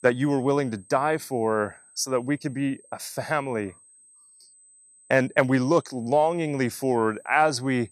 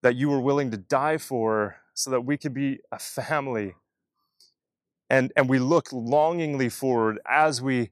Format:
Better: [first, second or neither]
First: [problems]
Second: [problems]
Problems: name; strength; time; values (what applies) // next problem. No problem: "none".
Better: second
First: high-pitched whine; faint; throughout; 8 kHz, 25 dB below the speech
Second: none